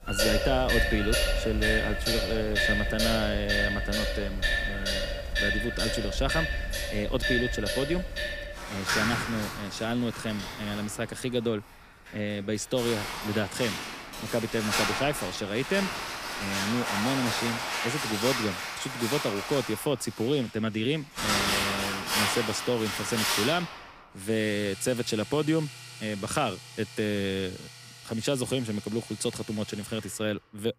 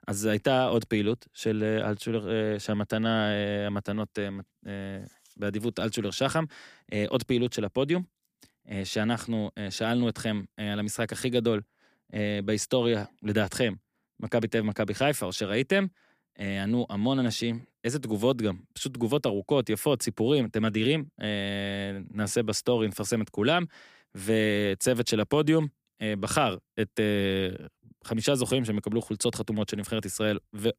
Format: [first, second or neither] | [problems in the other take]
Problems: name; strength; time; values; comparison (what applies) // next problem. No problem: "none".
second | household noises; very loud; throughout; 1 dB above the speech